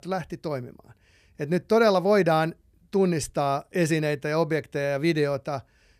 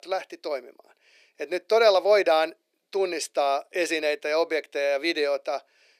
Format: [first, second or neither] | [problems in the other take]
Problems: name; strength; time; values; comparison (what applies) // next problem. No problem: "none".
first | thin; very; fading below 350 Hz